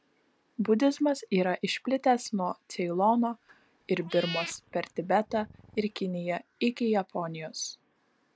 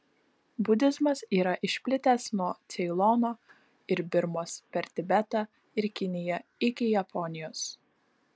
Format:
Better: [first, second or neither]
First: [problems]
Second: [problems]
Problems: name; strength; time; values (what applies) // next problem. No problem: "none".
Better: second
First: background sound (Meow / Purr); 14 dB below the speech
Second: none